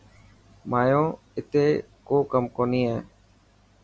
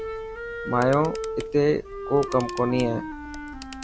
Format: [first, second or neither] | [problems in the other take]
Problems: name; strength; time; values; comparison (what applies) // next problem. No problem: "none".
first | background sound (Camera + Wind instrument, woodwind instrument); 8 dB below the speech